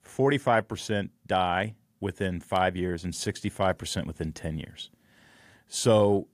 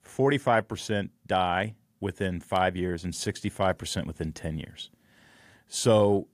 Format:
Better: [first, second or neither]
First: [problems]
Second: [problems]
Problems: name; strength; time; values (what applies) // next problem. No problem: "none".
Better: neither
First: none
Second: none